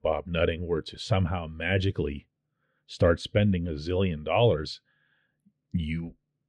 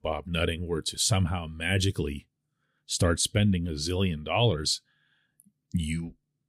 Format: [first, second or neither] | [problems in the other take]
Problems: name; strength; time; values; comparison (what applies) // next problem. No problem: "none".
second | muffled; very; fading above 2.5 kHz